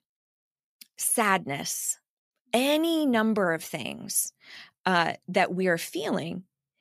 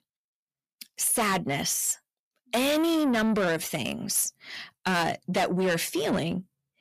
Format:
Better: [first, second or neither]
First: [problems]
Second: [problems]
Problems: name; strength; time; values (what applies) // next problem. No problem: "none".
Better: first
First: none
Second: distortion; heavy; 6 dB below the speech